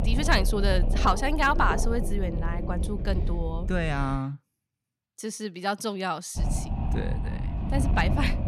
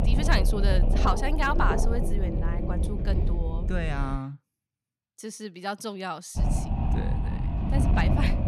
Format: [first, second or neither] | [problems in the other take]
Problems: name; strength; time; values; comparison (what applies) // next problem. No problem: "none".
first | wind noise on the microphone; heavy; until 4 s and from 6.5 s on; 5 dB below the speech; occasional gusts in the first